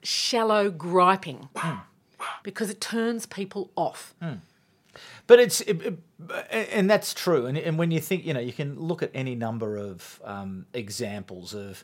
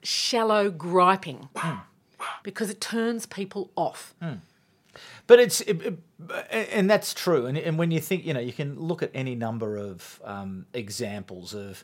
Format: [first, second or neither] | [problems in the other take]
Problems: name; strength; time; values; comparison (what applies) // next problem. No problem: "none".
neither | dog barking; noticeable; at 1.5 s; peak 9 dB below the speech; the same in both